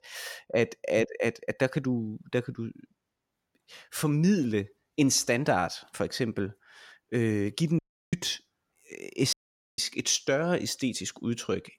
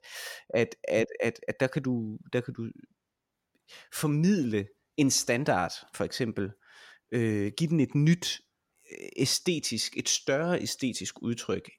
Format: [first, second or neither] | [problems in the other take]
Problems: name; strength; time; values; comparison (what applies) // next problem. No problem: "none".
second | audio cutting out; at 8 s and at 9.5 s